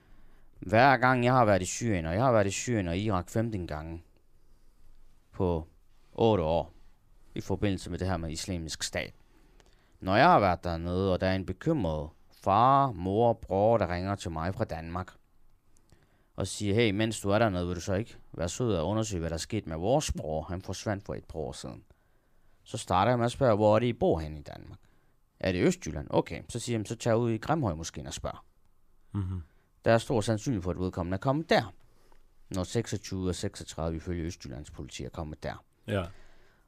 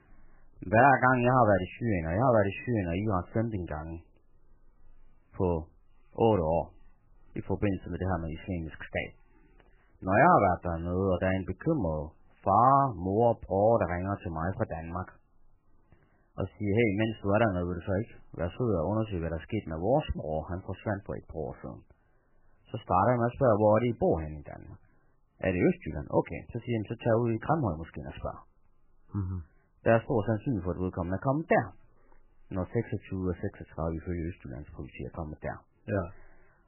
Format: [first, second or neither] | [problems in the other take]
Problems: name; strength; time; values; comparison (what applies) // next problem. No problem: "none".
first | garbled, watery; badly; nothing above 3 kHz